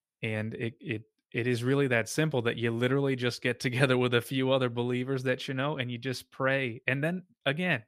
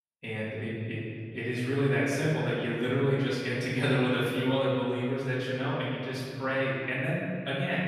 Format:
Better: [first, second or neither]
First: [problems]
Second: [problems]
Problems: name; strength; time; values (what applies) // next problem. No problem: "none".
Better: first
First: none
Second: off-mic speech; far // room echo; strong; dies away in 2 s